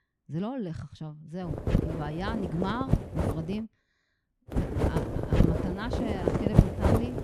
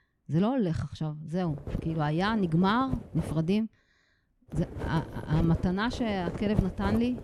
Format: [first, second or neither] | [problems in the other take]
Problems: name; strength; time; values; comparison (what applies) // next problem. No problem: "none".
second | wind noise on the microphone; heavy; from 1.5 to 3.5 s and from 4.5 s on; 5 dB above the speech; occasional gusts in the second